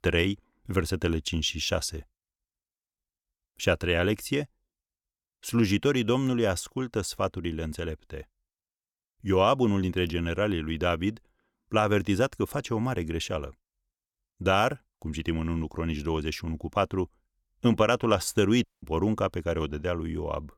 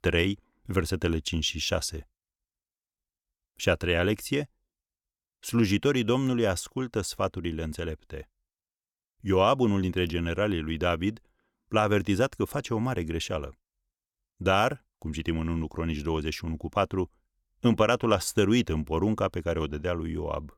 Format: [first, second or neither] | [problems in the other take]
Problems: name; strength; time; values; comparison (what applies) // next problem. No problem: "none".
second | audio cutting out; at 19 s